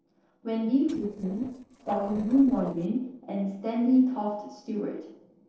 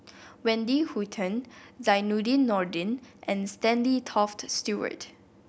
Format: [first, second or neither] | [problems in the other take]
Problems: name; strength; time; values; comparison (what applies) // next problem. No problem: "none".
second | noise reduction (neural separator model SepFormer DNS4)